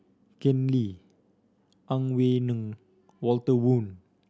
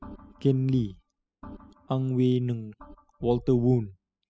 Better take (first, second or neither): first